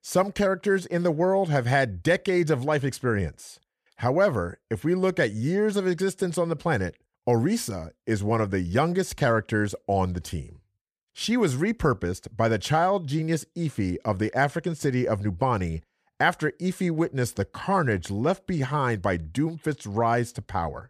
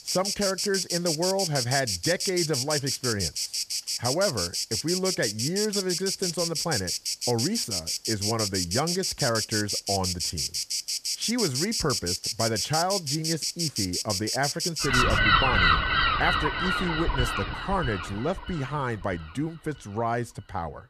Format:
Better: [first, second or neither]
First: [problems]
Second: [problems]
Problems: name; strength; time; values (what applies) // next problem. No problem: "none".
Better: first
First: none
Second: animal sounds; very loud; throughout; 3 dB above the speech